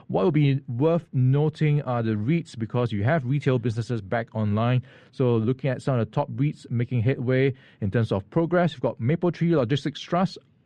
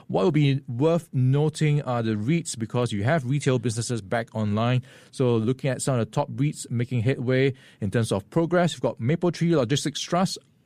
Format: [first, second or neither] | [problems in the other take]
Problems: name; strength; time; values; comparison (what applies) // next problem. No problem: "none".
second | muffled; slightly; fading above 3 kHz